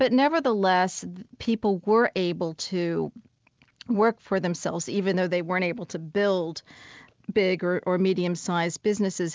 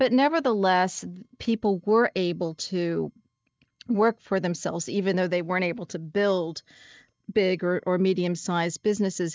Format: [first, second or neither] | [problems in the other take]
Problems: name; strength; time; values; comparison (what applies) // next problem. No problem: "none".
first | noise reduction (neural mask model DeepFilterNet 3)